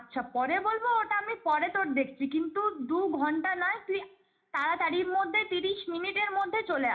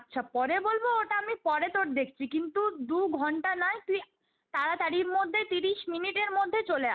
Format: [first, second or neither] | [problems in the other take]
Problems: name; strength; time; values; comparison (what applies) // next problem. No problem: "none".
second | room echo; dies away in 0.4 s